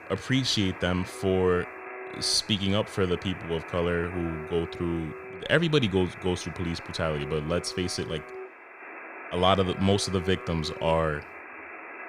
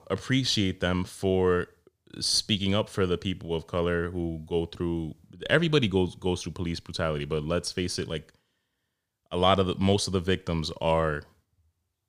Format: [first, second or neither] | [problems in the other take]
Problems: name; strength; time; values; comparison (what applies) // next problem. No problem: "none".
second | alarms or sirens; noticeable; throughout; 15 dB below the speech